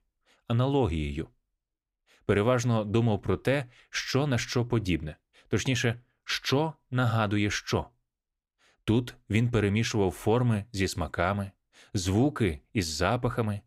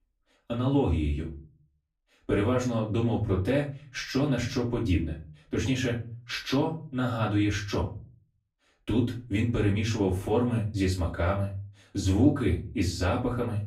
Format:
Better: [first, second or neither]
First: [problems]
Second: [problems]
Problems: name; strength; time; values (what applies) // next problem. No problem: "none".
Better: first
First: none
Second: off-mic speech; far // room echo; slight; dies away in 0.3 s